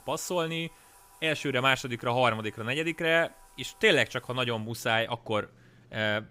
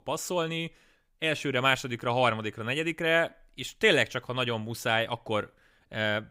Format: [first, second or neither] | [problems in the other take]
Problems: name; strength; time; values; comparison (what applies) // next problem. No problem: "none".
second | household noises; faint; throughout; 30 dB below the speech